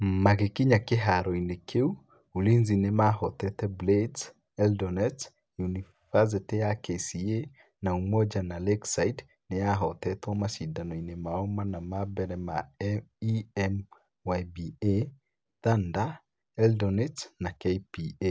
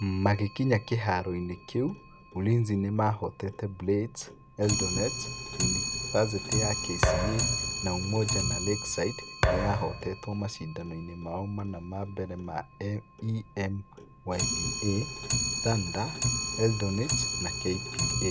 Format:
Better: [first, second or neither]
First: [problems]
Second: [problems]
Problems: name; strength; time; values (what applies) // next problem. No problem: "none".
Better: first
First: none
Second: background sound (Thump, thud + Clock); 2 dB below the speech